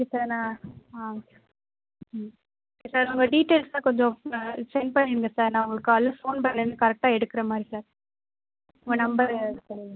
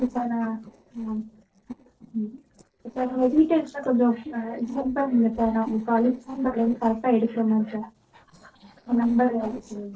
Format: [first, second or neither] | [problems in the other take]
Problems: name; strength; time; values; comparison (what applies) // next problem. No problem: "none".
first | noise reduction (neural separator model SepFormer DNS4)